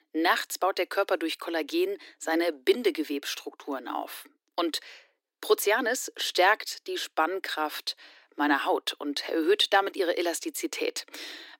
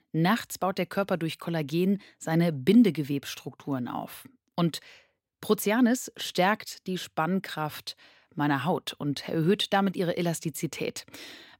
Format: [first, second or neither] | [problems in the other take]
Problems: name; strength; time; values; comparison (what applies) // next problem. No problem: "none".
second | thin; very; fading below 300 Hz